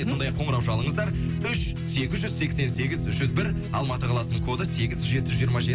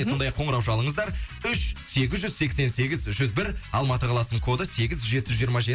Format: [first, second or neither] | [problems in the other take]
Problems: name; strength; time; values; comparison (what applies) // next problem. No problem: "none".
second | background sound (Guitar); 1 dB below the speech